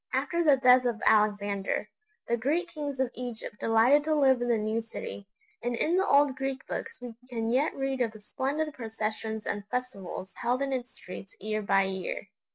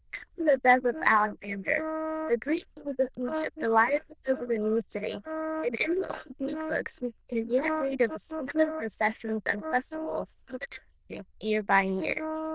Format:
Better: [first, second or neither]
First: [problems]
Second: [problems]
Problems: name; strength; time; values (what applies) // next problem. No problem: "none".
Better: first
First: none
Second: noise reduction (neural diffusion model UNIVERSE++)